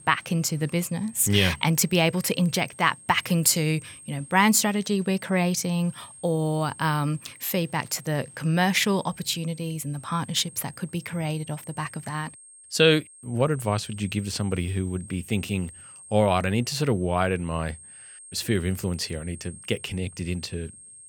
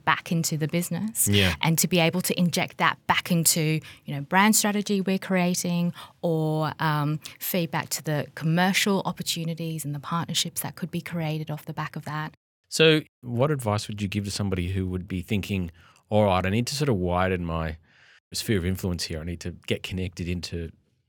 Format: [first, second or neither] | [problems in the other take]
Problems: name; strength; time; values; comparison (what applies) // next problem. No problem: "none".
second | high-pitched whine; noticeable; throughout; 8.5 kHz, 20 dB below the speech